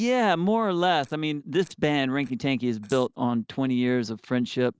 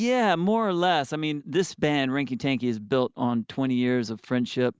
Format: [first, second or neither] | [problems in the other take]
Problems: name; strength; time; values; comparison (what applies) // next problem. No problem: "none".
second | noise reduction (neural separator model SepFormer DNS4)